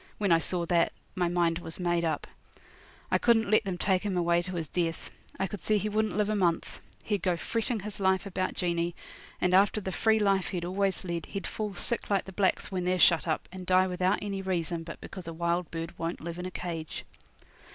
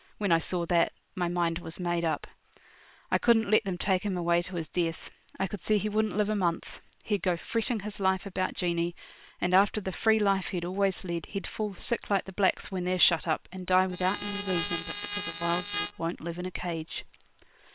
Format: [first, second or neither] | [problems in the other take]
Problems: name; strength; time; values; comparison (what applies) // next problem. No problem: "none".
first | noise reduction (neural separator model SepFormer WHAM!)